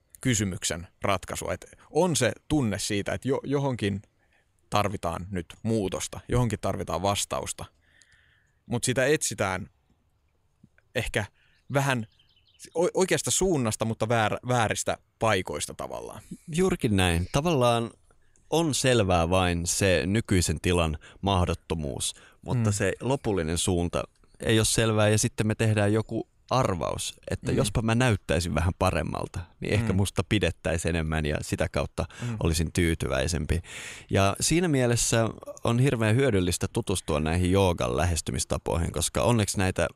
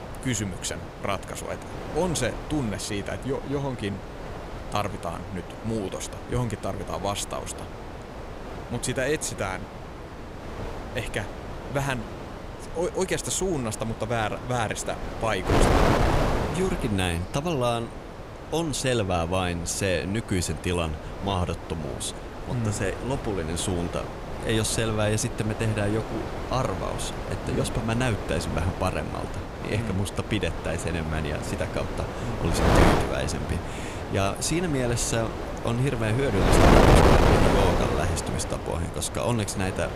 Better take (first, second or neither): first